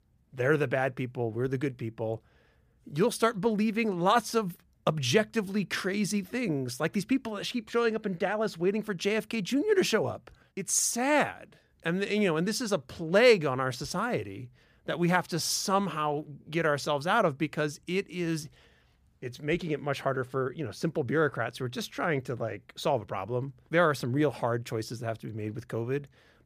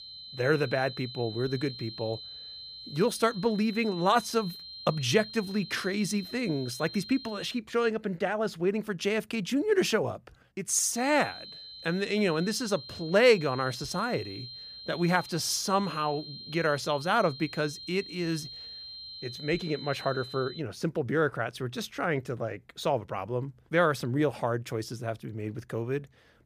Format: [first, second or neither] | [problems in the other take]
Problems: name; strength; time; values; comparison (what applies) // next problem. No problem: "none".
first | high-pitched whine; noticeable; until 7.5 s and from 11 to 21 s; 4 kHz, 10 dB below the speech